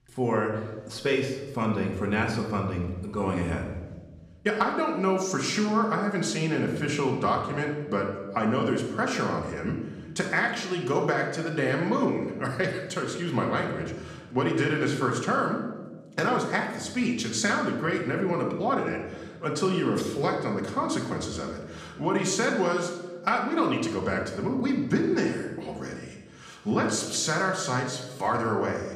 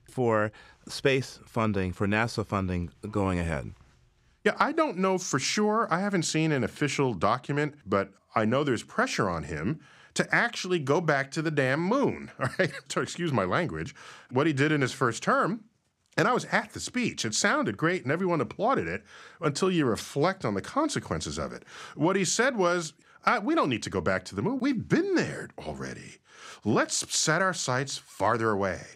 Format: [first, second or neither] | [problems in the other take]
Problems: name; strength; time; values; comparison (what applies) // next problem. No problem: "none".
second | room echo; noticeable; dies away in 1 s // off-mic speech; somewhat distant